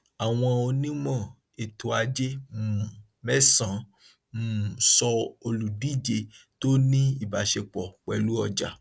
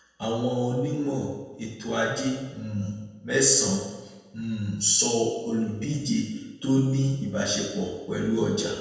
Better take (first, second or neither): first